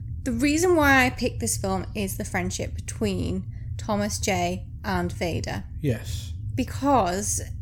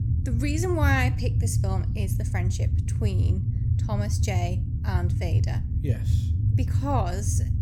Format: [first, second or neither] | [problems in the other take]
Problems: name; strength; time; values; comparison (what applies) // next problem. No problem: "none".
first | low rumble; loud; throughout; 7 dB below the speech; faint in the first